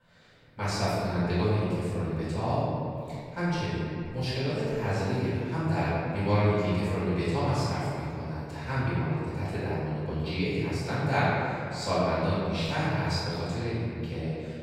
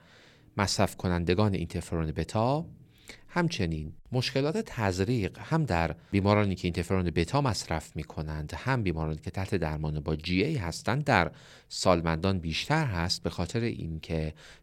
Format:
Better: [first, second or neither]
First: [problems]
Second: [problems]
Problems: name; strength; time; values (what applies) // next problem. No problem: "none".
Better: second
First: off-mic speech; far // room echo; strong; dies away in 2.3 s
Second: none